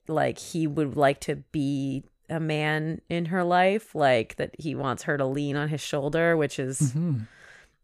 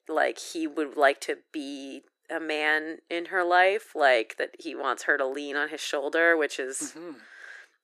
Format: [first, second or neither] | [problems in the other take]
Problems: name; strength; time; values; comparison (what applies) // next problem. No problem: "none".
first | thin; very; fading below 350 Hz